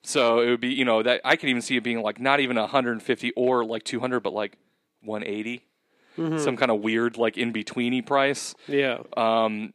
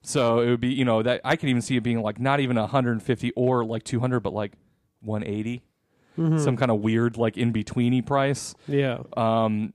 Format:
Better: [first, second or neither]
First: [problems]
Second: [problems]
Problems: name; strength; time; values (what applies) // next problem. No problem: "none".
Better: second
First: thin; very slightly; fading below 300 Hz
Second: none